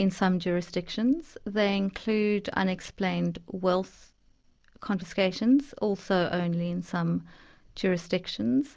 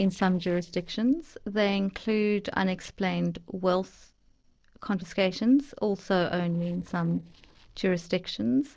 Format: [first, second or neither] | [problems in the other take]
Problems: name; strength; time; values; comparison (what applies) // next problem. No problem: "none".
first | noise reduction (neural separator model SepFormer DNS4)